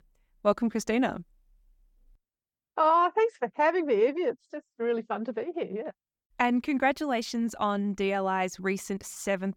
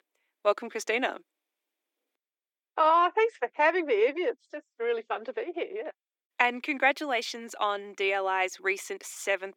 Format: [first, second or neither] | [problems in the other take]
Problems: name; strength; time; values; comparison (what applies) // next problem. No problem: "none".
first | thin; somewhat; fading below 300 Hz